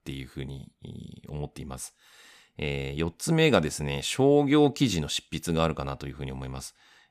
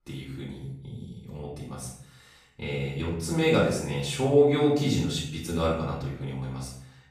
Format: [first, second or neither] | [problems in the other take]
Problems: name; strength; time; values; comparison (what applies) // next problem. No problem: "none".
first | room echo; noticeable; dies away in 0.7 s // off-mic speech; far